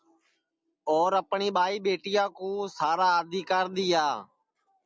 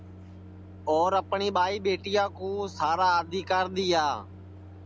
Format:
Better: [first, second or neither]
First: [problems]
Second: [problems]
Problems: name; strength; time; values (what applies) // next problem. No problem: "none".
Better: first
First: none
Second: background sound (Microwave oven); 17 dB below the speech